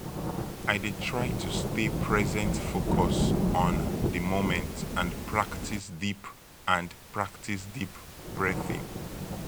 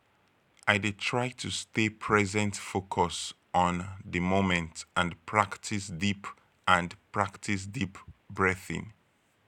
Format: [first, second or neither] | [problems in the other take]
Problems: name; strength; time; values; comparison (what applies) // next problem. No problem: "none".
second | background sound (Rain / Thunderstorm); 1 dB above the speech